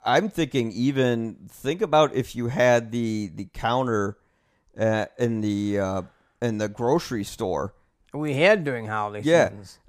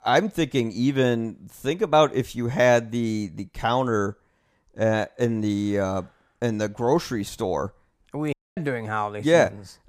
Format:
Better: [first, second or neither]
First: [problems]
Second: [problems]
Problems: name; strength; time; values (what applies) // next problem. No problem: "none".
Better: first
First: none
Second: audio cutting out; at 8.5 s